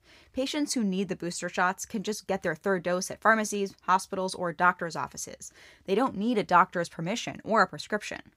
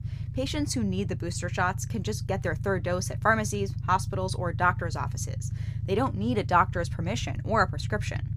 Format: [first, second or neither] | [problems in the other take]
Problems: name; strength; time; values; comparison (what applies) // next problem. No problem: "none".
first | low rumble; noticeable; throughout; 20 dB below the speech